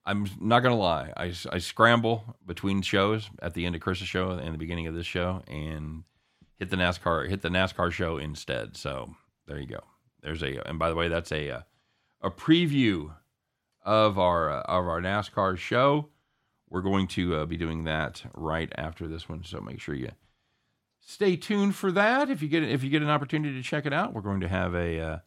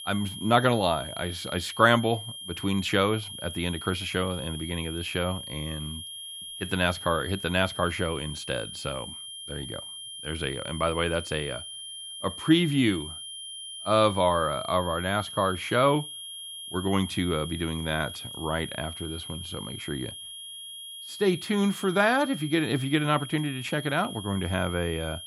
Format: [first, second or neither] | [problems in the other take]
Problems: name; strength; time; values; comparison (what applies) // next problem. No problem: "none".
first | high-pitched whine; loud; throughout; 3 kHz, 10 dB below the speech